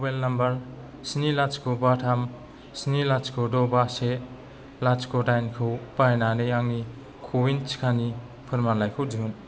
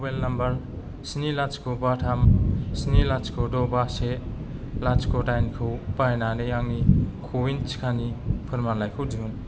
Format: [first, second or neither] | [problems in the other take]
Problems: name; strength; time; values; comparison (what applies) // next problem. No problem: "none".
first | background sound (Thunder); 1 dB above the speech